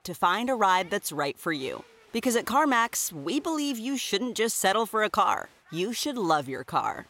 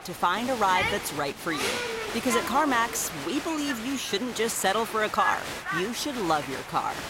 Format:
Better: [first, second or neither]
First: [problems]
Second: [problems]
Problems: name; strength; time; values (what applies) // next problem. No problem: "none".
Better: first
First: crowd noise; faint; throughout; 30 dB below the speech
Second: crowd noise; loud; throughout; 5 dB below the speech